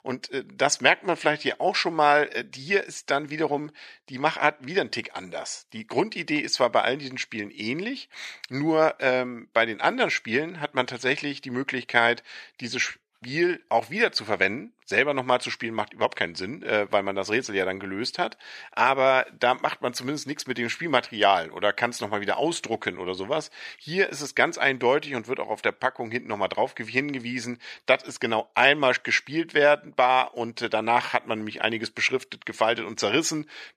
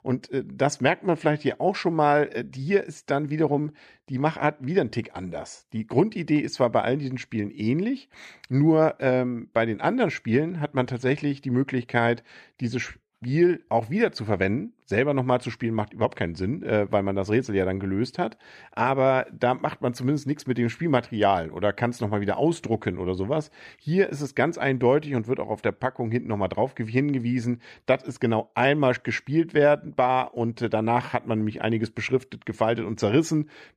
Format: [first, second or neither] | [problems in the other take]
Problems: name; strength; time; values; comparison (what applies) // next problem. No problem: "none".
second | thin; somewhat; fading below 1 kHz